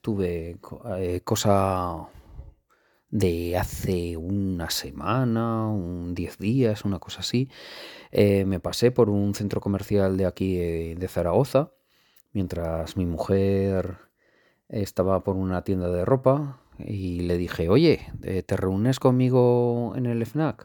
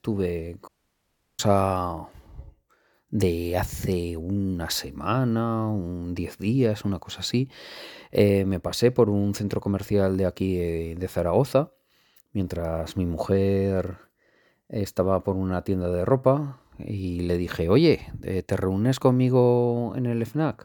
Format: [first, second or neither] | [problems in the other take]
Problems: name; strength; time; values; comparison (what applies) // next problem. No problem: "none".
first | audio cutting out; at 0.5 s for 0.5 s